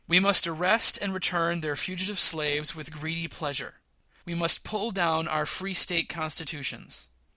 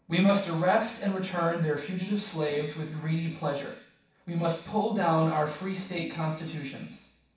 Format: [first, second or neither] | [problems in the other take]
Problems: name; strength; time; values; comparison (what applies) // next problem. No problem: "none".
first | room echo; dies away in 0.7 s